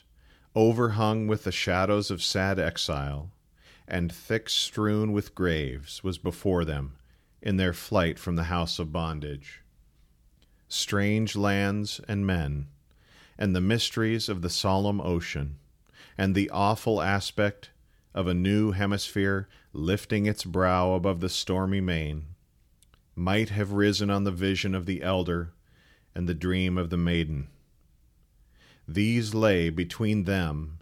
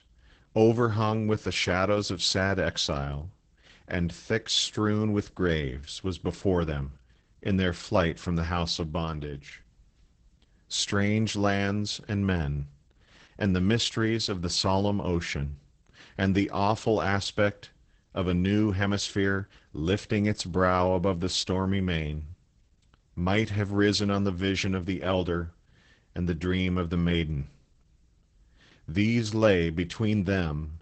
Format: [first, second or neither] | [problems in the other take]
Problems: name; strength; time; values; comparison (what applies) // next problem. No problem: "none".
first | garbled, watery; badly; nothing above 8 kHz